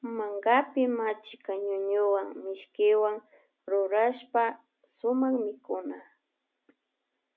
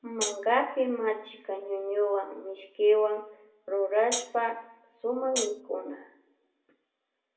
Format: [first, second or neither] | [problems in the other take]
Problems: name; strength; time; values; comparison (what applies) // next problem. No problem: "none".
first | background sound (Hi-hat); 4 dB below the speech // room echo; dies away in 0.6 s